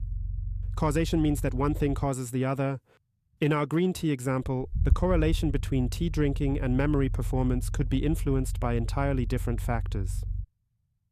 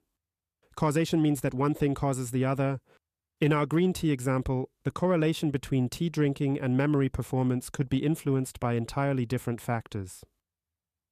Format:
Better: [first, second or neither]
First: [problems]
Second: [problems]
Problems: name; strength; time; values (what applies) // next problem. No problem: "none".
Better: second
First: low rumble; faint; throughout; 20 dB below the speech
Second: none